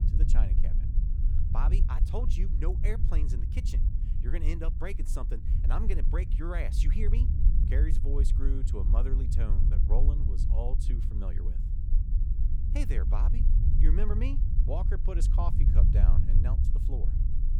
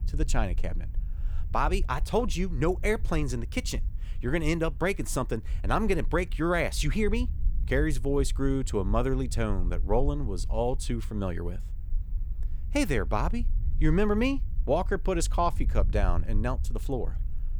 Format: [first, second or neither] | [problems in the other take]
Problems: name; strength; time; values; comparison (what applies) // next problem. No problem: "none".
second | low rumble; loud; throughout; 5 dB below the speech; faint in the second